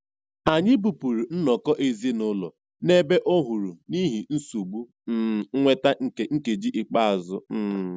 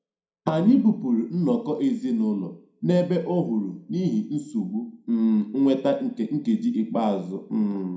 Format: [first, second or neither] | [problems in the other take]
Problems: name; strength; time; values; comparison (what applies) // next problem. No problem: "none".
first | room echo; dies away in 0.4 s